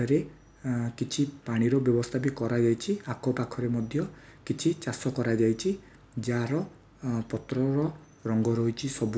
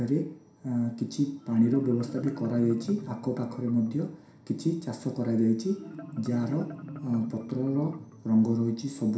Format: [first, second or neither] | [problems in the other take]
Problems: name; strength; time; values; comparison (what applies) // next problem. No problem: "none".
first | background sound (Marimba, xylophone); 16 dB below the speech // room echo; dies away in 0.5 s